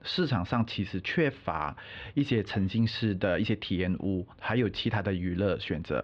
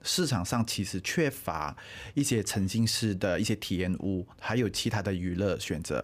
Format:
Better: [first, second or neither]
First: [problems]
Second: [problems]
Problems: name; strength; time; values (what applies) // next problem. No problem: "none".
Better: second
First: muffled; slightly; fading above 4 kHz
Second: none